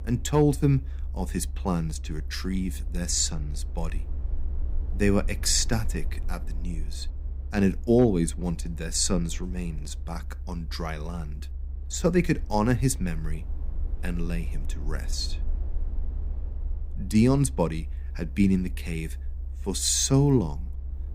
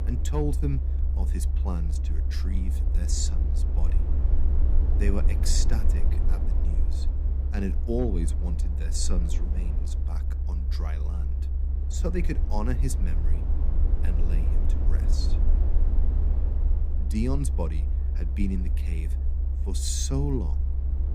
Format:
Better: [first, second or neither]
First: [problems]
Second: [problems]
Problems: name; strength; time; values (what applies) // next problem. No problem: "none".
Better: first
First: low rumble; faint; throughout; 25 dB below the speech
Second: low rumble; loud; throughout; 8 dB below the speech